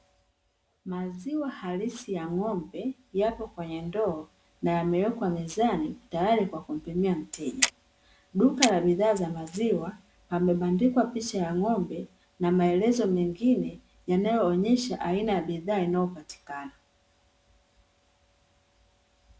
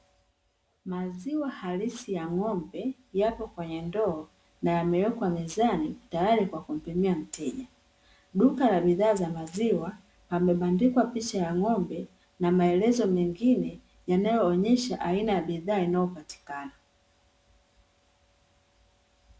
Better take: second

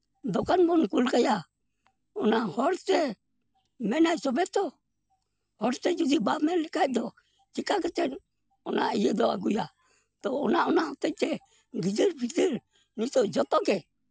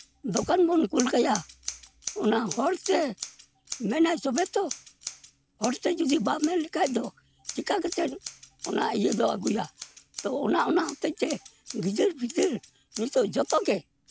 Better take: first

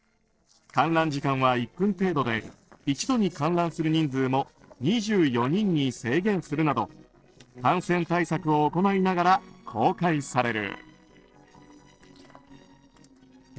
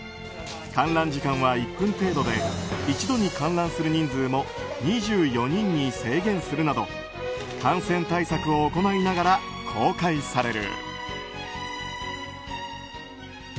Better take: second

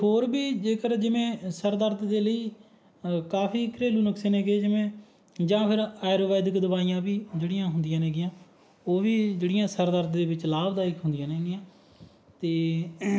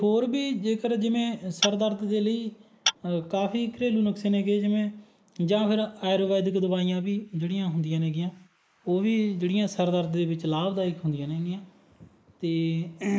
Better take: first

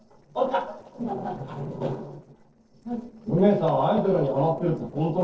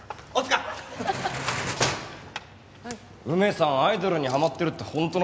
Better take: second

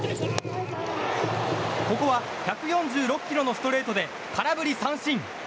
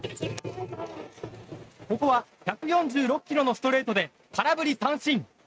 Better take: first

